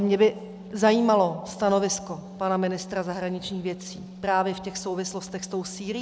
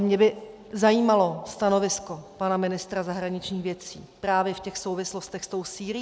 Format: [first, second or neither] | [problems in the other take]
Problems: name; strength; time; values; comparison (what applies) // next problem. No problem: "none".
second | background sound (Organ); 16 dB below the speech